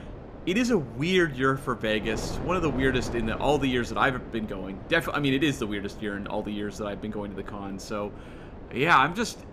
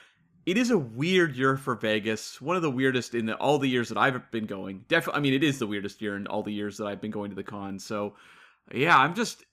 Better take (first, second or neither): second